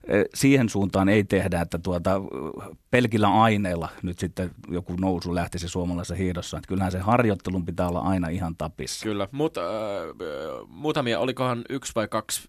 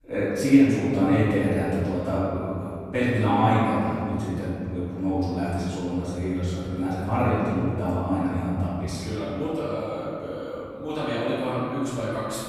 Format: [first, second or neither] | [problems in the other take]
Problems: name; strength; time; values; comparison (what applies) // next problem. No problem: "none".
first | off-mic speech; far // room echo; strong; dies away in 2.9 s